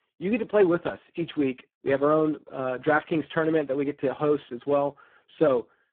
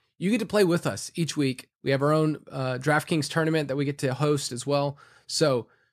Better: second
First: phone-call audio; poor line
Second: none

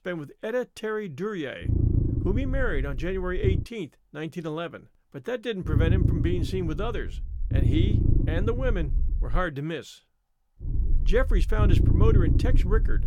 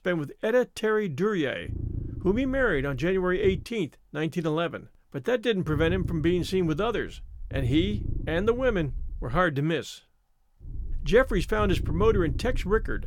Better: second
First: low rumble; loud; from 1.5 to 3.5 s, from 5.5 to 9.5 s and from 11 s on; 6 dB below the speech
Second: low rumble; faint; from 1.5 to 3.5 s, from 5.5 to 9.5 s and from 11 s on; 20 dB below the speech

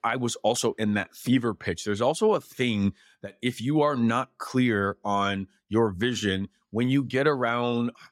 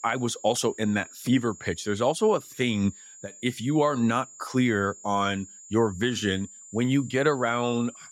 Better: first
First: none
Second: high-pitched whine; noticeable; throughout; 7 kHz, 20 dB below the speech

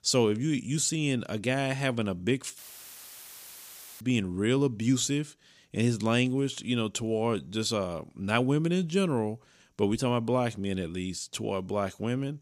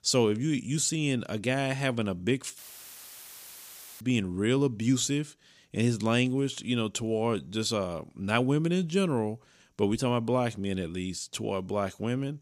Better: neither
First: audio cutting out; filled with static; at 2.5 s for 1.5 s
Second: audio cutting out; filled with static; at 2.5 s for 1.5 s

